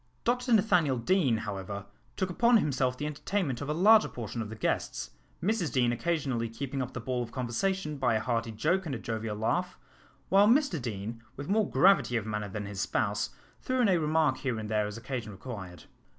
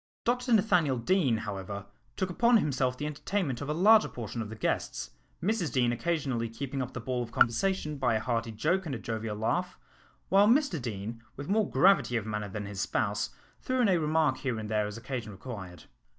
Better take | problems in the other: first | noise reduction (neural mask model DeepFilterNet 3)

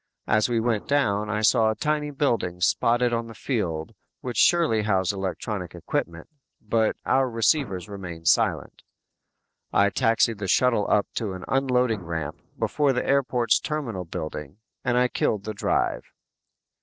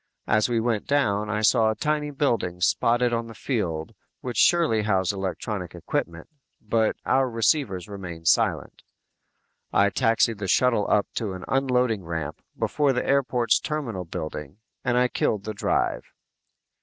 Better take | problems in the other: second | noise reduction (neural separator model SepFormer DNS4)

